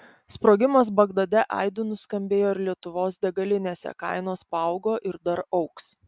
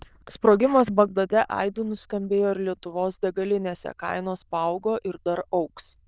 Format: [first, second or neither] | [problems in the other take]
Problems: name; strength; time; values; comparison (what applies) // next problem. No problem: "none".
first | noise reduction (neural diffusion model UNIVERSE++)